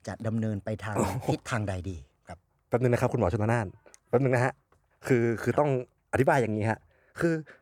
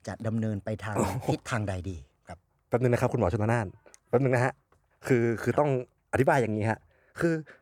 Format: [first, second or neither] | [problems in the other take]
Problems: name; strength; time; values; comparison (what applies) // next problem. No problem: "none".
neither | none